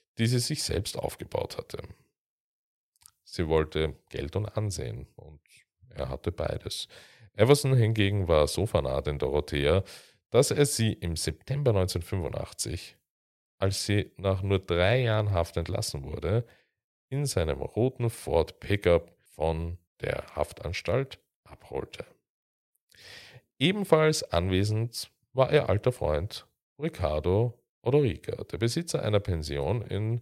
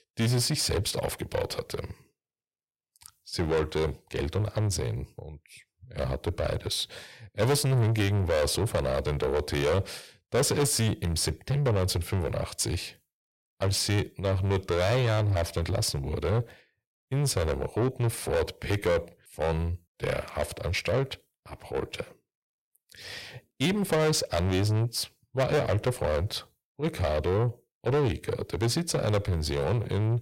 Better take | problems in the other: first | distortion; heavy; 6 dB below the speech

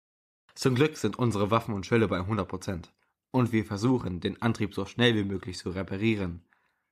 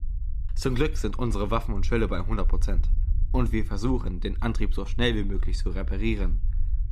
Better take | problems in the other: first | low rumble; faint; throughout; 20 dB below the speech

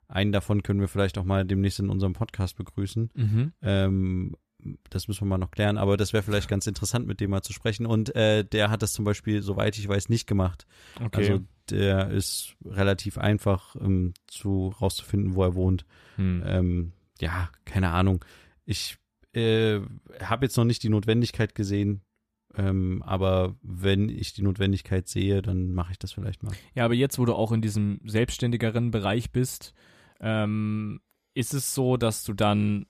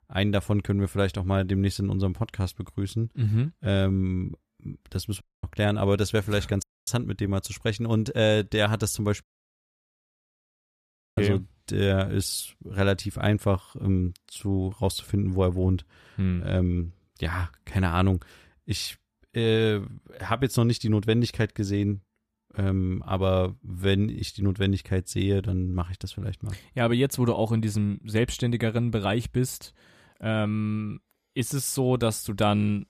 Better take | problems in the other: first | audio cutting out; at 5 s, at 6.5 s and at 9 s for 2 s

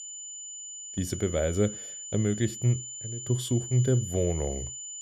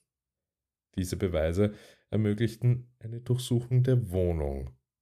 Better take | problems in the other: second | high-pitched whine; loud; throughout; 7 kHz, 9 dB below the speech

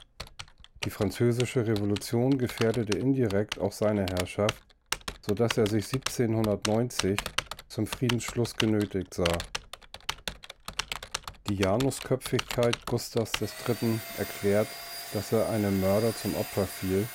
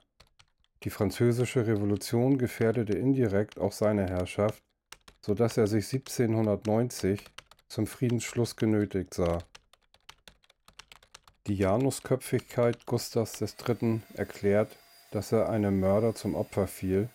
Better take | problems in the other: second | household noises; loud; throughout; 8 dB below the speech; faint in the second

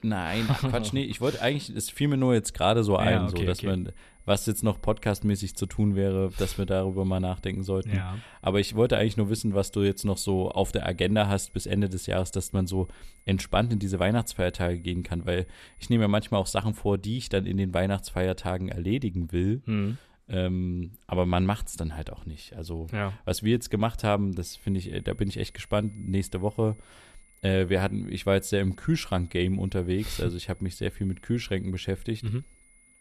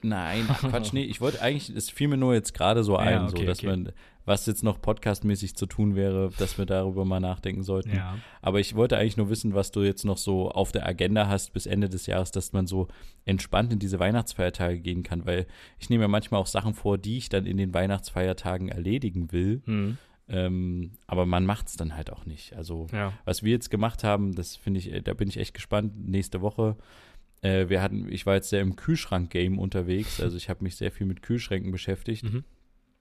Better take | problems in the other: second | high-pitched whine; faint; from 3.5 to 16 s and from 24 s on; 2 kHz, 30 dB below the speech

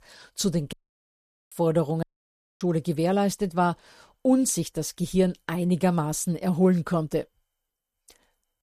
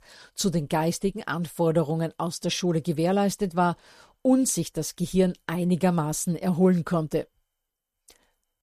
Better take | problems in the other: second | audio cutting out; at 0.5 s for 1 s and at 2 s for 0.5 s

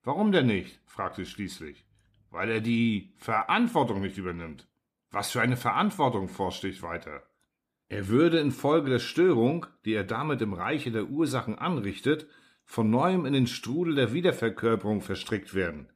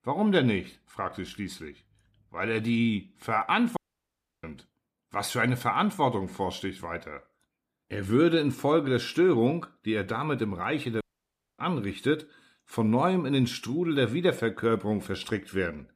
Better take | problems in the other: first | audio cutting out; at 4 s for 0.5 s and at 11 s for 0.5 s

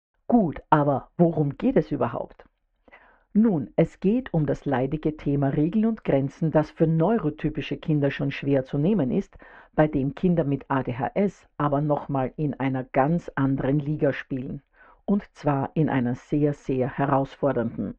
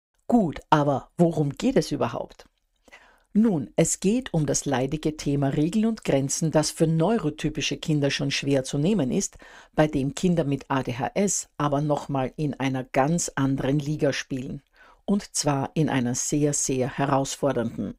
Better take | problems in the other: second | muffled; very; fading above 2 kHz

